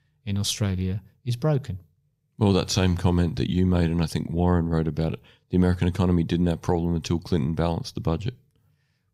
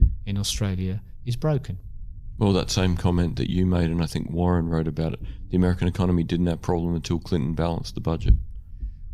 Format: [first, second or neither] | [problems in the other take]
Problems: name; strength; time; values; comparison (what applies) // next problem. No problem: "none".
first | low rumble; faint; throughout; 25 dB below the speech